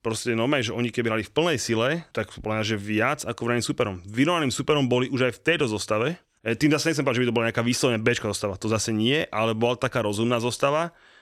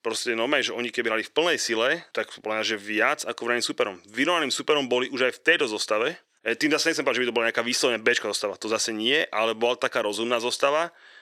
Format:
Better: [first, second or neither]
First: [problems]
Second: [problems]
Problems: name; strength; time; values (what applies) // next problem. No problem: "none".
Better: first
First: none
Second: thin; somewhat; fading below 400 Hz